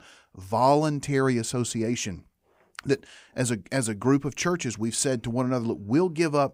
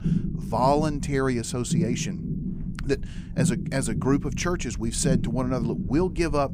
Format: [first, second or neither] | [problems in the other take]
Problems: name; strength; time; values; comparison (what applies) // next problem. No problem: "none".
first | low rumble; noticeable; throughout; 10 dB below the speech